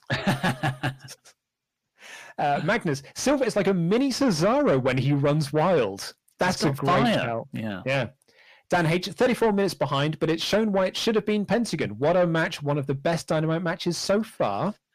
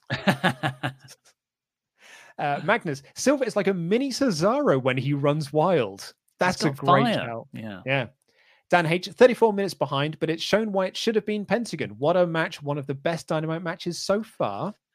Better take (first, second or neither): second